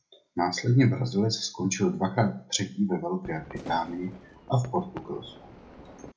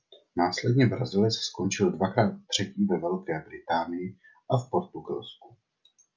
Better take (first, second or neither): second